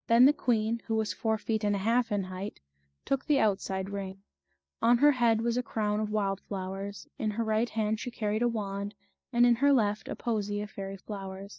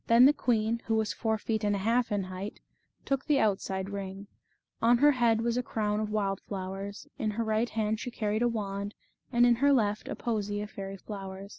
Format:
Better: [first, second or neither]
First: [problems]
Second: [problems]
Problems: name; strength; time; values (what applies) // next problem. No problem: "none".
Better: second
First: noise reduction (neural mask model DeepFilterNet 3)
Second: none